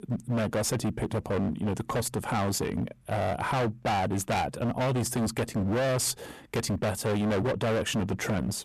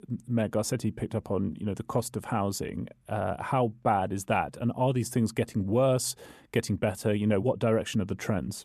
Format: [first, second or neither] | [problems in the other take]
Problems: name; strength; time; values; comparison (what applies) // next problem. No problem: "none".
second | distortion; heavy; 30% of the sound clipped